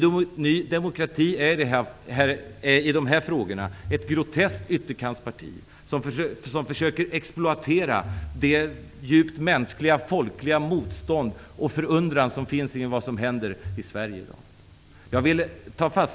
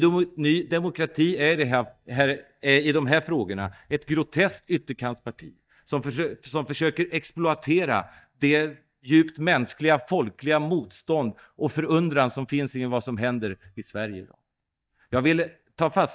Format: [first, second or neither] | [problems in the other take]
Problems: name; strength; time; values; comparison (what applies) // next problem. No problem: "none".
first | noise reduction (neural mask model DeepFilterNet 3)